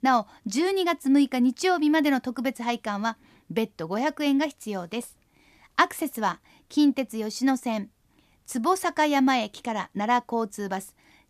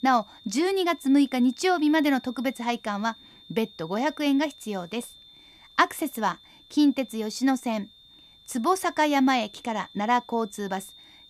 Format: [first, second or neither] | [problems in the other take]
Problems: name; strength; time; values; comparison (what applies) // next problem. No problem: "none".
first | high-pitched whine; faint; throughout; 3.5 kHz, 25 dB below the speech